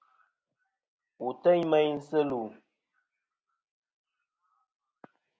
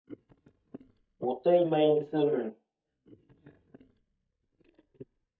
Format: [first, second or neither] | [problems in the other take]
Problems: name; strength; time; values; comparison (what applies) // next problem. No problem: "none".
first | noise reduction (neural mask model DeepFilterNet 3)